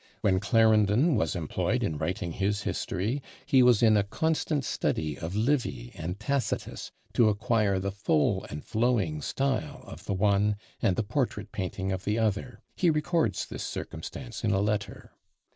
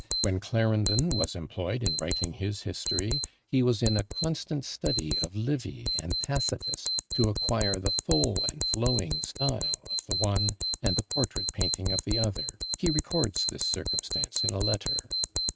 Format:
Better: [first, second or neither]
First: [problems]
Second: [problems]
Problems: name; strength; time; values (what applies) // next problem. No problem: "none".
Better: first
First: none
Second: noise reduction (neural mask model RNNoise)